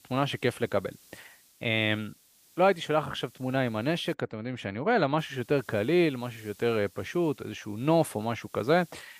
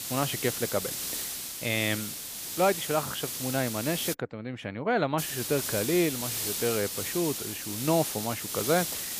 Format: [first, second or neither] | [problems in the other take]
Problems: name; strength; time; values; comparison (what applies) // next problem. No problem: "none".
first | hiss; loud; until 4 s and from 5 s on; 2 dB below the speech; faint in the first